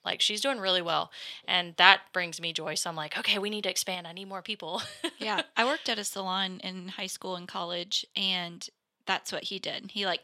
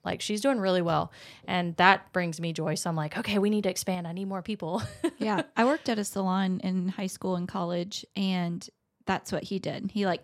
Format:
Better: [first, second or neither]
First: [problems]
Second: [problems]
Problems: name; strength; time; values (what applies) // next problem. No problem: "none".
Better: second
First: thin; somewhat; fading below 800 Hz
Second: none